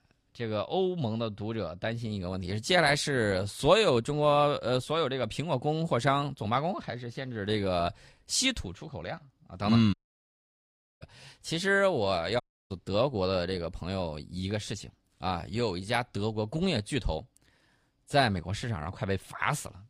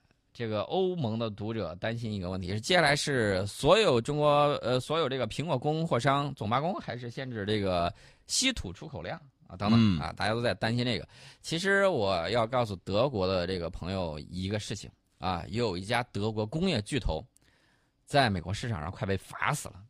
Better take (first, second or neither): second